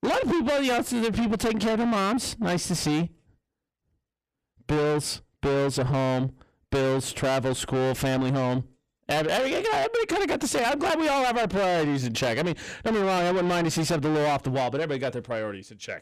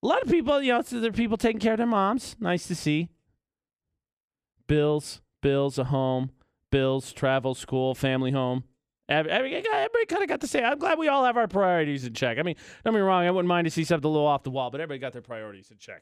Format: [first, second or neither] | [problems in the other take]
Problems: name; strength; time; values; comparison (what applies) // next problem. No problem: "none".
second | distortion; heavy; 6 dB below the speech